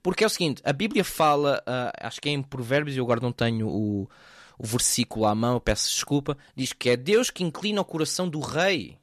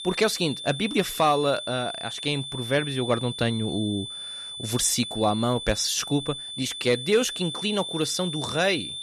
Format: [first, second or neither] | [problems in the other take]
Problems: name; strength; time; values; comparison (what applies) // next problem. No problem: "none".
first | high-pitched whine; loud; throughout; 3.5 kHz, 7 dB below the speech